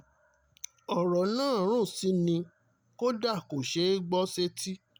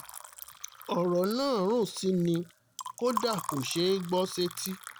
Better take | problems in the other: first | background sound (Liquid); 12 dB below the speech

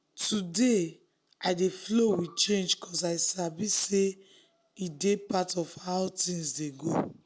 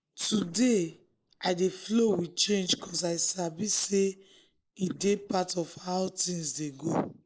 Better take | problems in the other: first | noise reduction (neural mask model Resemble Enhance denoiser)

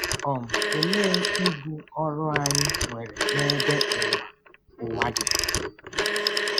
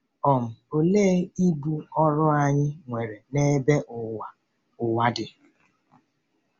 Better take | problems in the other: second | background sound (Telephone); 3 dB above the speech

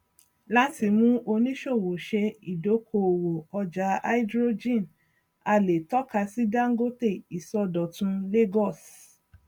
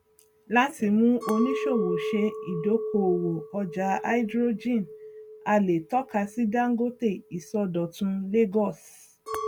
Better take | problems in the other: first | background sound (Chink, clink); 10 dB below the speech

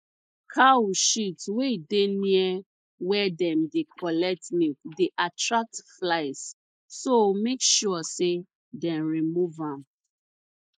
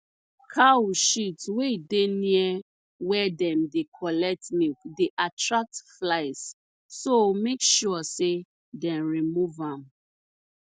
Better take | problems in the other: second | noise reduction (neural mask model Resemble Enhance denoiser)

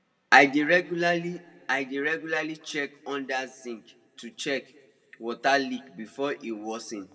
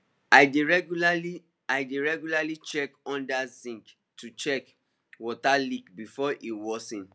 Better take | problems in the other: second | room echo; dies away in 1.3 s

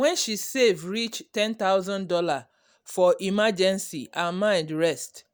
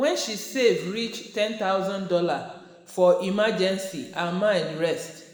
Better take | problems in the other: first | room echo; dies away in 1.5 s

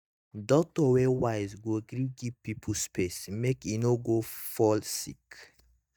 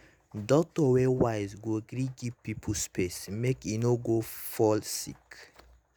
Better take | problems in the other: second | noise reduction (neural mask model DeepFilterNet 3)

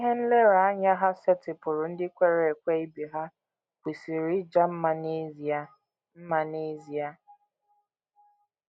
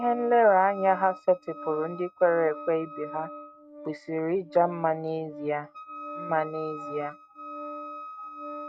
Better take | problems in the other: first | noise reduction (neural mask model RNNoise)

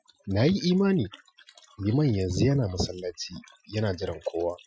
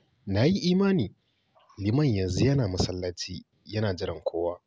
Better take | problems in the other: second | noise reduction (classical method Wiener filter)

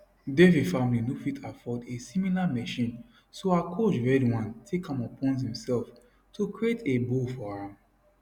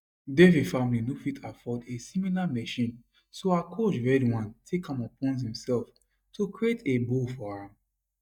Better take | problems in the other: first | noise reduction (neural mask model DeepFilterNet 3)

